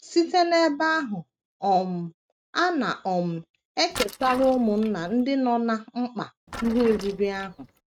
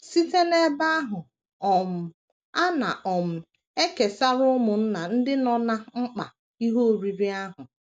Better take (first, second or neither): second